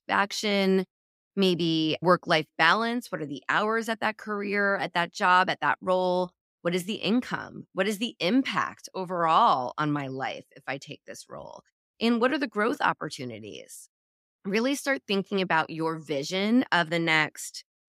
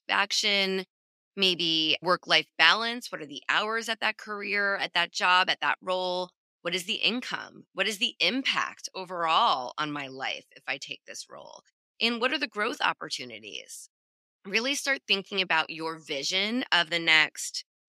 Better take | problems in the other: first | thin; very slightly; fading below 650 Hz

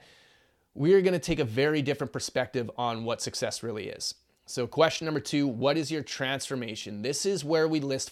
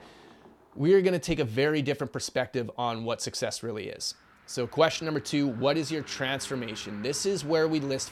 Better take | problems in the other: first | traffic noise; faint; throughout; 20 dB below the speech

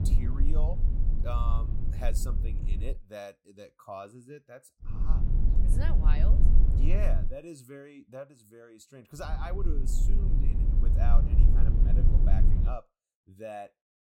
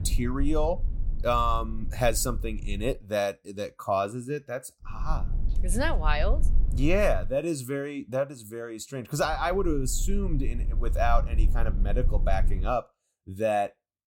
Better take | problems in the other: second | low rumble; loud; until 3 s, from 5 to 7.5 s and from 9 to 13 s; 3 dB below the speech; faint in the second

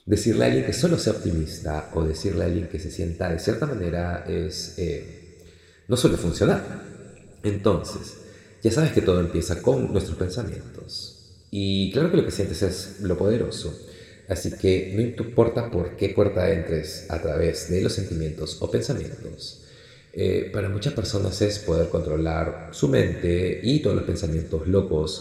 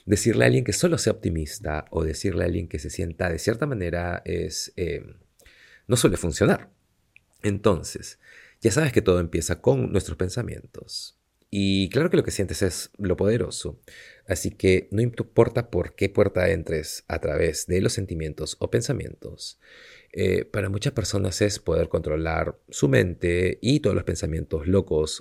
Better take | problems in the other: second | room echo; slight; dies away in 2.3 s

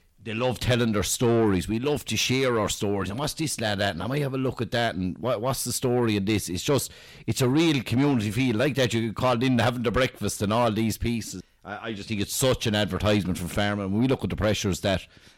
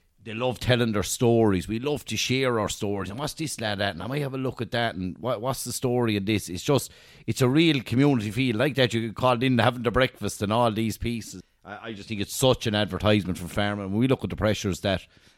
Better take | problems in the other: second | distortion; slight; 10 dB below the speech

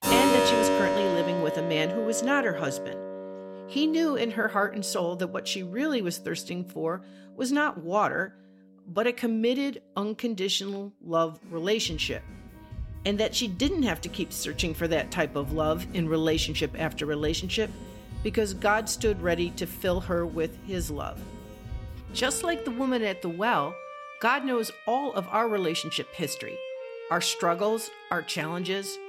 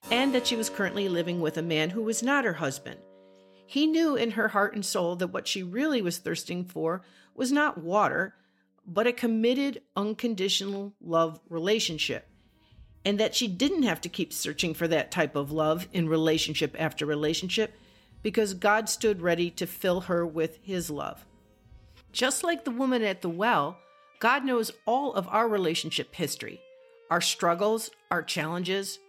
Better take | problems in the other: second | background music; loud; throughout; 6 dB below the speech; faint in the second

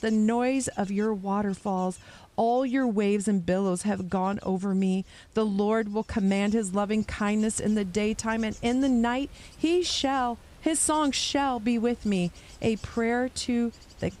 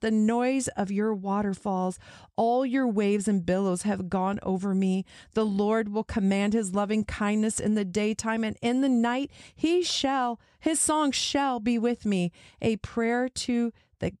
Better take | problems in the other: second | wind noise on the microphone; occasional gusts; 25 dB below the speech

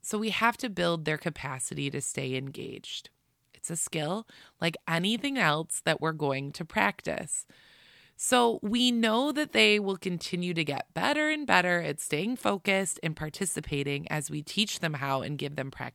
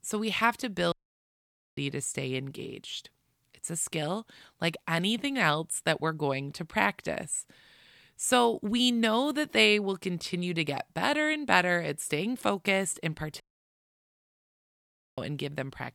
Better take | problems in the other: first | audio cutting out; at 1 s for 1 s and at 13 s for 2 s

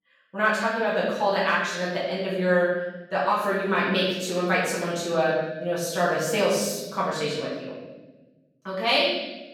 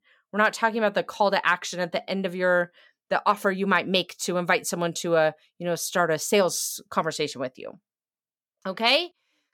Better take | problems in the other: second | off-mic speech; far // room echo; noticeable; dies away in 1.2 s

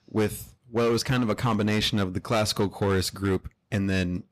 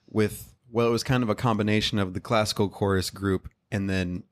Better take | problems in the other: second | distortion; slight; 9% of the sound clipped

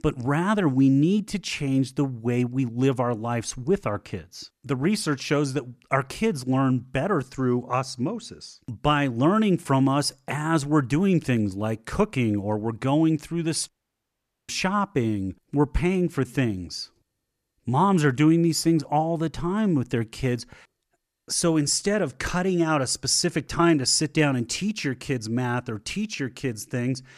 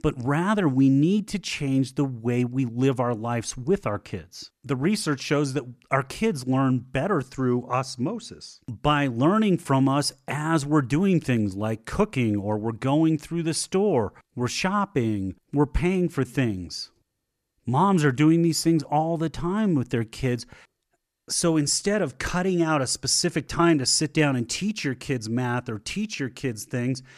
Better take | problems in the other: second | audio cutting out; at 14 s for 1 s

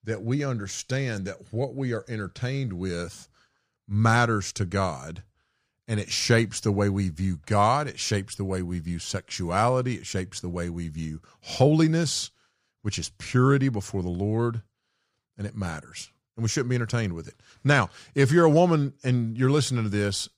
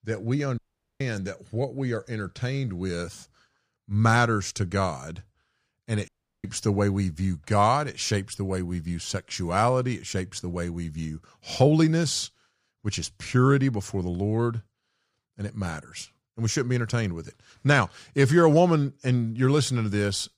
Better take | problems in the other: first | audio cutting out; at 0.5 s and at 6 s

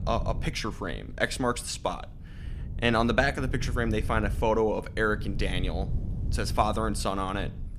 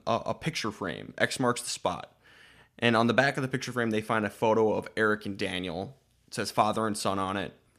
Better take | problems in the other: second | wind noise on the microphone; occasional gusts; 20 dB below the speech

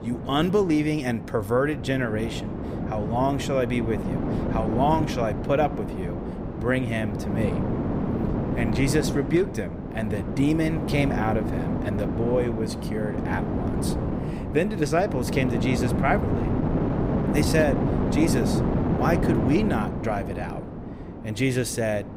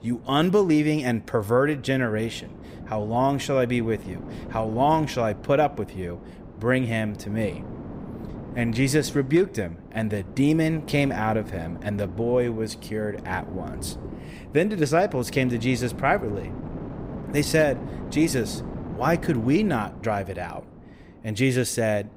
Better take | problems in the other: second | wind noise on the microphone; heavy; 5 dB below the speech; occasional gusts in the second

